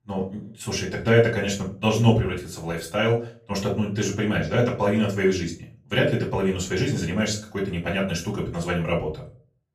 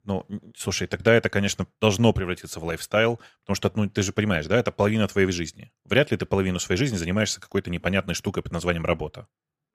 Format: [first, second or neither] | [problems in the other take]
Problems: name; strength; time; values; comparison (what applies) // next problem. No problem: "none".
second | off-mic speech; far // room echo; slight; dies away in 0.3 s